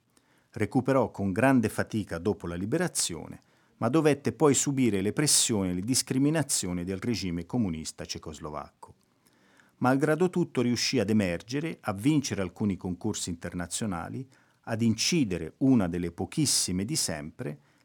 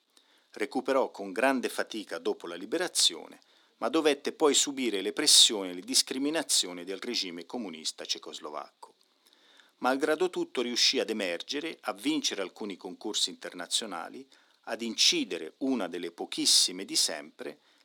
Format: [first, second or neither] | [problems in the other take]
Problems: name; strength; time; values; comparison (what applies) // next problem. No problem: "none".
first | thin; somewhat; fading below 300 Hz